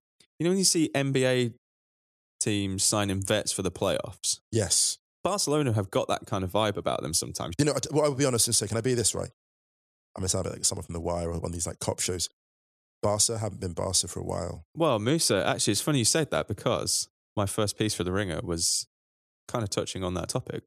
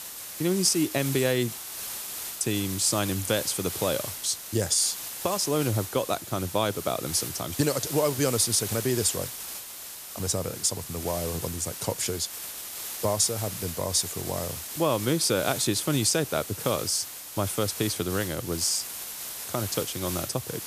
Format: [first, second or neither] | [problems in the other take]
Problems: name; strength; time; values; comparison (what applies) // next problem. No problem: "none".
first | hiss; loud; throughout; 7 dB below the speech